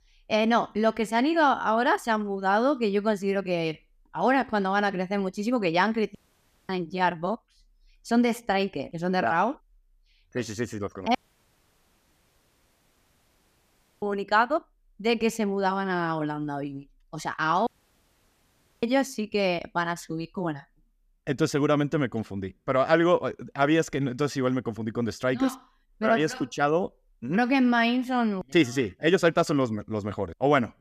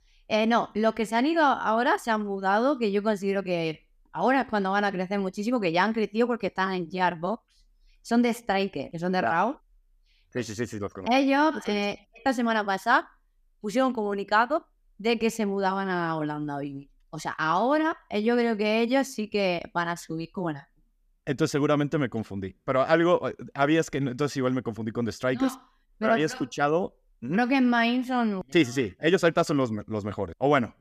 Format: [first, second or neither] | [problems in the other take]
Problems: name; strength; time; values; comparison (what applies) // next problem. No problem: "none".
second | audio cutting out; at 6 s for 0.5 s, at 11 s for 3 s and at 18 s for 1 s